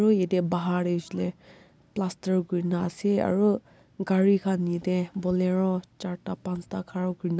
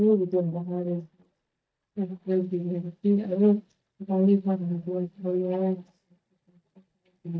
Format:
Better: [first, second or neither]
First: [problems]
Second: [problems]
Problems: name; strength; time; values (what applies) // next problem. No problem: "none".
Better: first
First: none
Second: noise reduction (neural mask model DeepFilterNet 3)